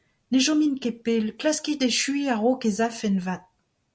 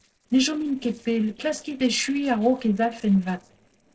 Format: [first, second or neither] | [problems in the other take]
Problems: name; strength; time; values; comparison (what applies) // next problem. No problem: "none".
first | noise reduction (neural separator model SepFormer DNS4)